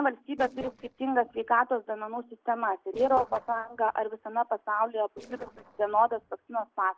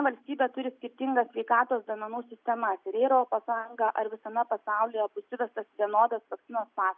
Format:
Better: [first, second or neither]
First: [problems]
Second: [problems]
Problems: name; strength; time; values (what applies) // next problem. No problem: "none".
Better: second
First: noise reduction (neural separator model SepFormer DNS4)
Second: none